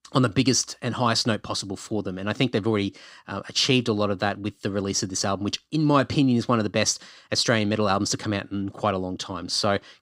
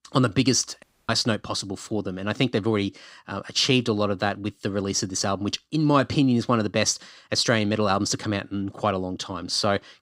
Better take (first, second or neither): first